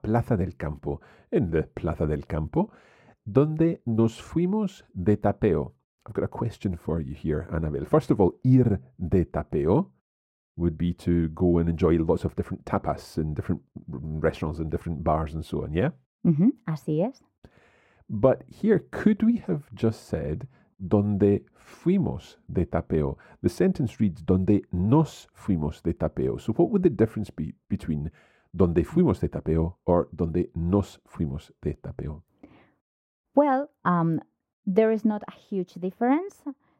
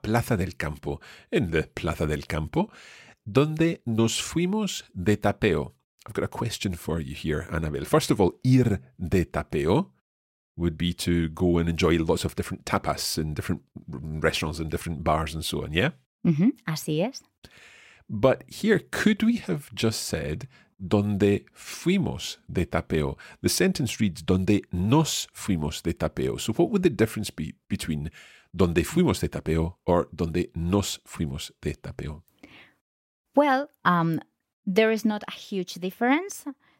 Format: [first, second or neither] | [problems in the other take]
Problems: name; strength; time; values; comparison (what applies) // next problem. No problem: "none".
second | muffled; very; fading above 1.5 kHz